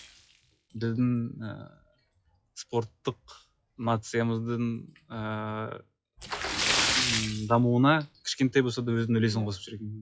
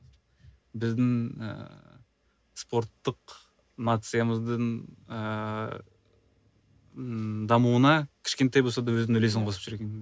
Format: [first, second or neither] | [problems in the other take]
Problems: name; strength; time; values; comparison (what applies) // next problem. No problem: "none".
second | noise reduction (classical method log-MMSE)